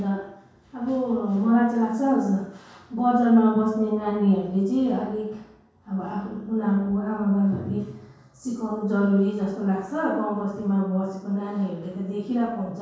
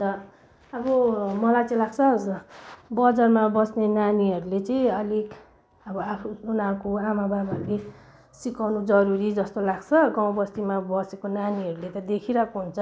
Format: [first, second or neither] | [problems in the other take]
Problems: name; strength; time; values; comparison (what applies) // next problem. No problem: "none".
second | room echo; dies away in 0.6 s